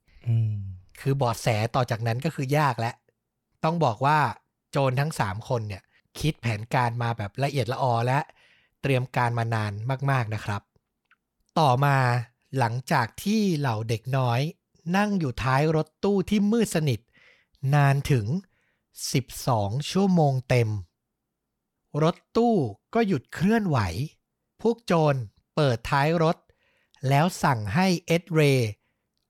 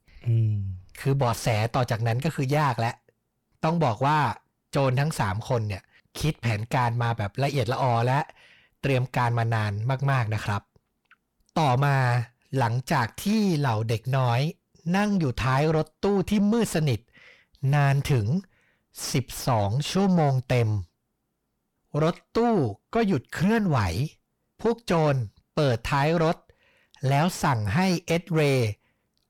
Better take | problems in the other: first | distortion; slight; 9 dB below the speech

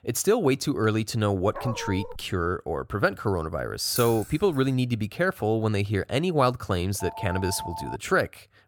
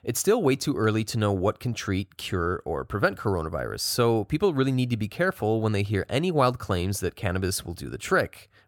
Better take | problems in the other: second | dog barking; noticeable; at 1.5 s; peak 9 dB below the speech // jangling keys; noticeable; at 4 s; peak 7 dB below the speech // phone ringing; noticeable; at 7 s; peak 10 dB below the speech

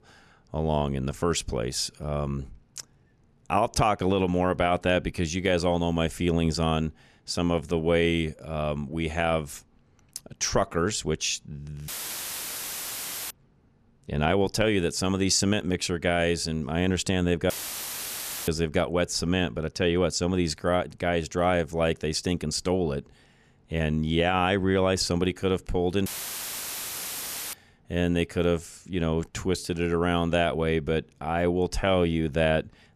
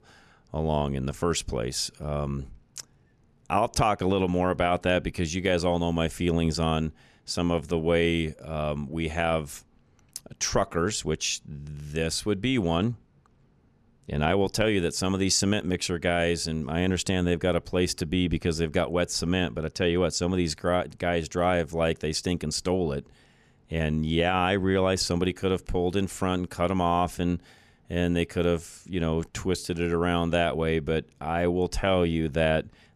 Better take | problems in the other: second | audio cutting out; filled with static; at 12 s for 1.5 s, at 18 s for 1 s and at 26 s for 1.5 s

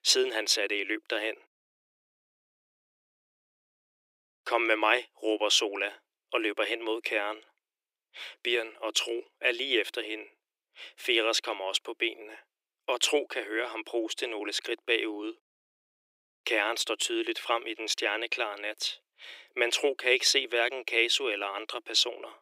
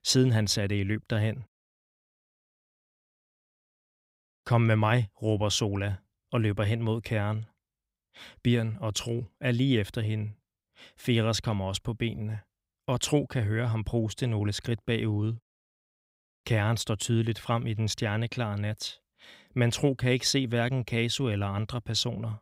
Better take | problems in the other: second | thin; very; fading below 350 Hz

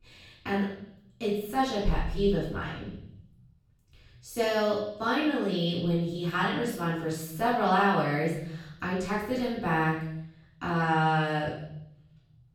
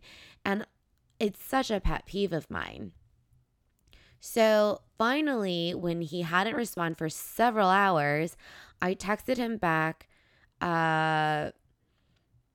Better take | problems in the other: second | off-mic speech; far // room echo; noticeable; dies away in 1 s

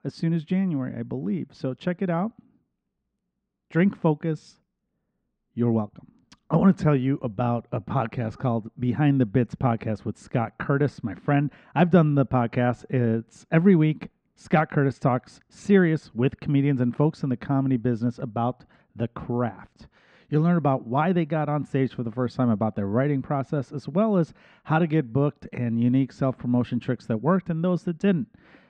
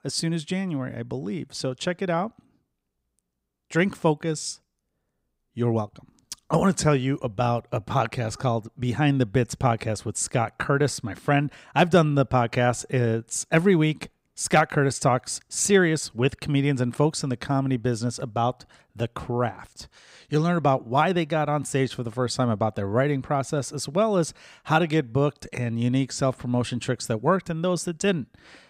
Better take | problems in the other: second | muffled; very; fading above 2.5 kHz

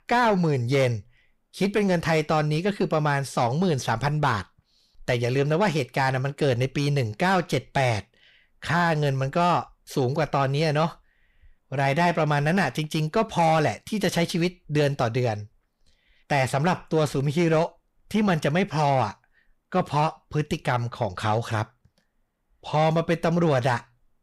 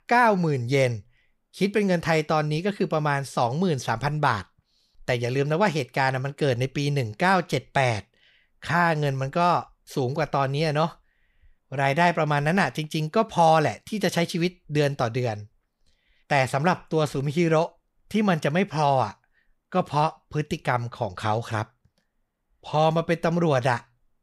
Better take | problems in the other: second | distortion; slight; 10 dB below the speech

